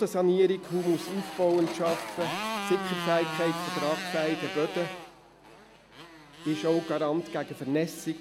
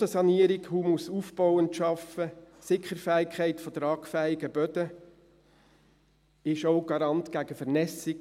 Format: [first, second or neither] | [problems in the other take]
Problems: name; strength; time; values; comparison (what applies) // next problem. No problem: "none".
second | background sound (Motorcycle); 8 dB below the speech